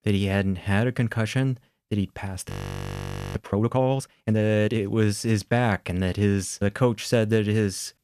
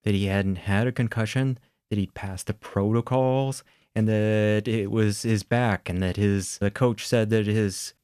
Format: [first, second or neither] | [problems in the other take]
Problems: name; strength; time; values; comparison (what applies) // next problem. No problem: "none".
second | audio freezing; at 2.5 s for 1 s